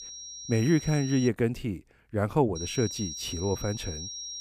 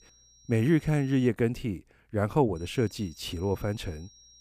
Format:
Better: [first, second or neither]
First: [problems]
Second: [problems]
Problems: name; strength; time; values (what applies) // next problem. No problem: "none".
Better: second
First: high-pitched whine; loud; until 1.5 s and from 2.5 s on; 5.5 kHz, 9 dB below the speech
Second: high-pitched whine; faint; until 1.5 s and from 2.5 s on; 5.5 kHz, 25 dB below the speech